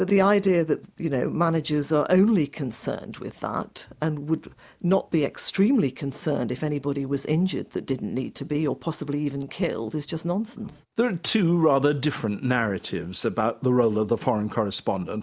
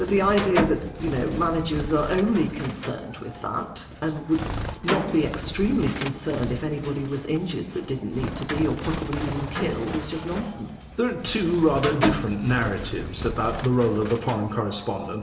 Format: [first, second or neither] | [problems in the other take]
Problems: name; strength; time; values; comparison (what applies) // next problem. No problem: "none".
first | background sound (Bird); 6 dB below the speech // room echo; dies away in 0.9 s